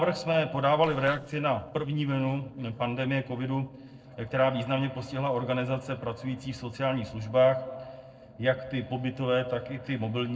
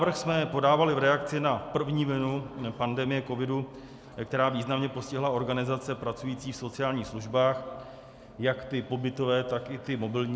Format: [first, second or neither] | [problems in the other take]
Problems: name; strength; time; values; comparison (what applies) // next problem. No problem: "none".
second | noise reduction (neural separator model SepFormer DNS4)